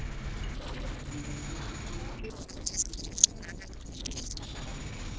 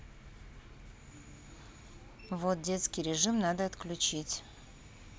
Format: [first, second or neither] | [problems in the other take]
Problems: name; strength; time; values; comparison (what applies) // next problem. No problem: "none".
second | noise reduction (neural separator model SepFormer DNS4)